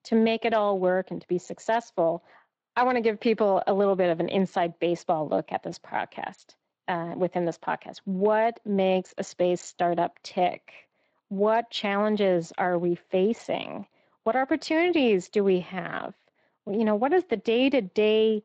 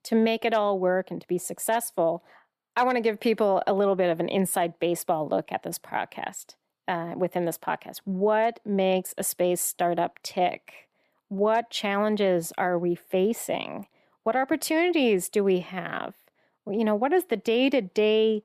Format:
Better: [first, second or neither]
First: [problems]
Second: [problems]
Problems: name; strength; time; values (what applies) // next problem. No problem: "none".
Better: second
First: garbled, watery; slightly; nothing above 7.5 kHz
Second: none